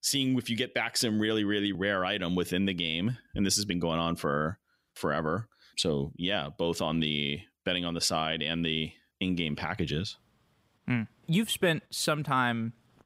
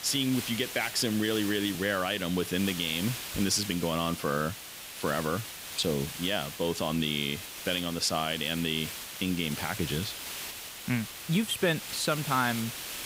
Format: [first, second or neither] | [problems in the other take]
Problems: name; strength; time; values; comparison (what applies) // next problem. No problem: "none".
first | hiss; loud; throughout; 8 dB below the speech